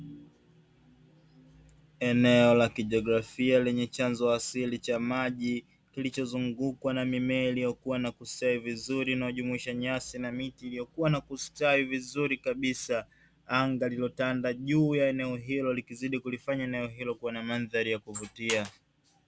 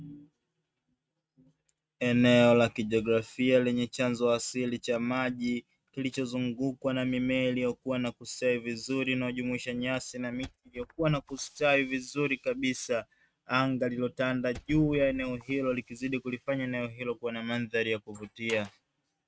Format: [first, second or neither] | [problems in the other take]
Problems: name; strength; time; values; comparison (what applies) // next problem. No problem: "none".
first | noise reduction (neural mask model RNNoise)